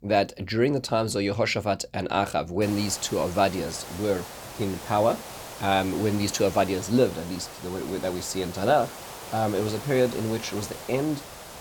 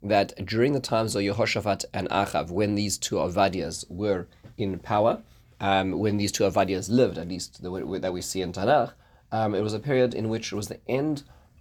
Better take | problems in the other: second | hiss; noticeable; from 2.5 s on; 10 dB below the speech

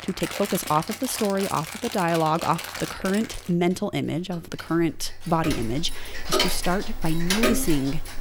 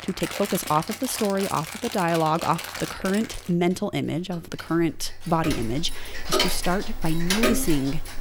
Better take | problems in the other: neither | household noises; loud; throughout; 4 dB below the speech; the same in both

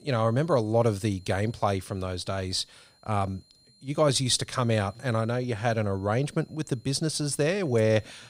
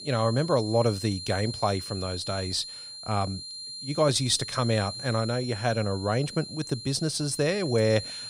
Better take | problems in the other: first | high-pitched whine; loud; throughout; 4 kHz, 9 dB below the speech; faint in the first

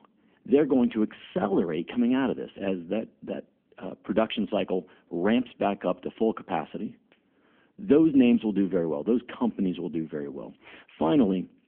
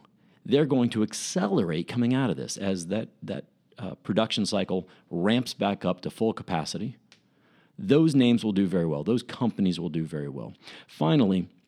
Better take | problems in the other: second | phone-call audio; nothing above 3.5 kHz

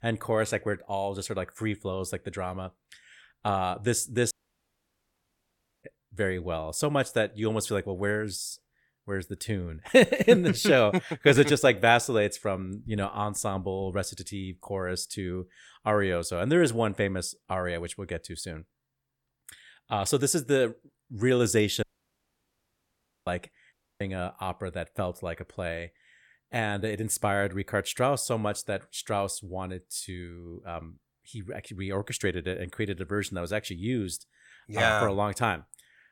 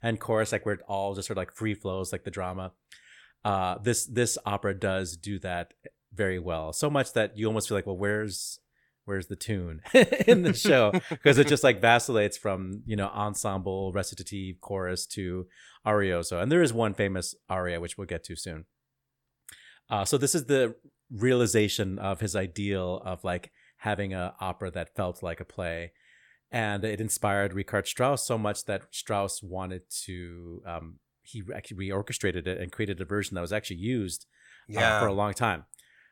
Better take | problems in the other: second | audio cutting out; at 4.5 s for 1.5 s, at 22 s for 1.5 s and at 24 s

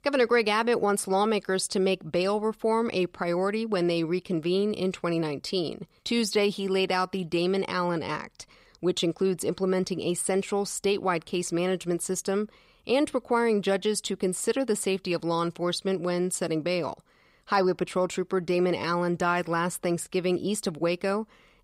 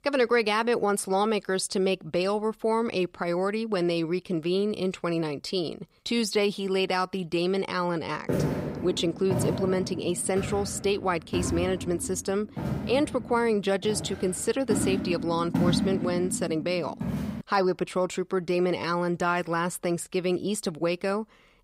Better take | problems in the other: first | footsteps; loud; from 8.5 to 17 s; peak 2 dB above the speech

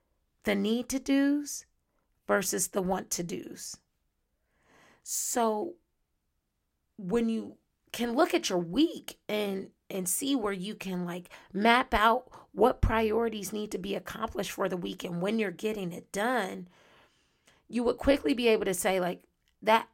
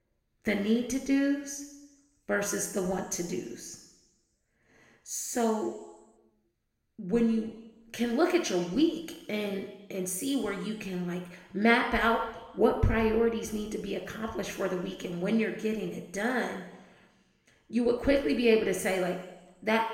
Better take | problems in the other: first | room echo; noticeable; dies away in 1 s // off-mic speech; somewhat distant

